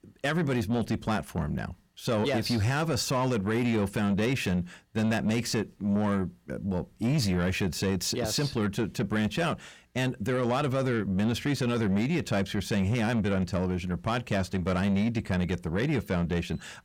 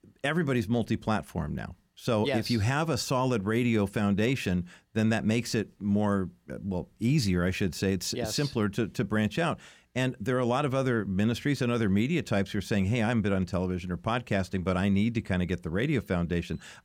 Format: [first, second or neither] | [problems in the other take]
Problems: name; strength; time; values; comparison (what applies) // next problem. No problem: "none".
second | distortion; slight; 10 dB below the speech